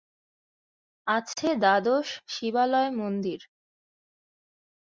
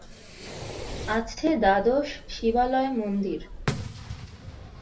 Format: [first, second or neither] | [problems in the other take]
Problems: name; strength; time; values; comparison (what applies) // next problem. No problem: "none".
first | background sound (Fireworks); 10 dB below the speech // room echo; dies away in 0.3 s